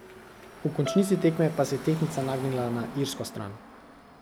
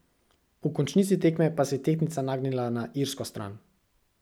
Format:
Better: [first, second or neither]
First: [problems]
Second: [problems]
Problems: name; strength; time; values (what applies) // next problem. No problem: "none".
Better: second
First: background sound (Bowed string instrument + Car passing by / Traffic noise, roadway noise); 12 dB below the speech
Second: none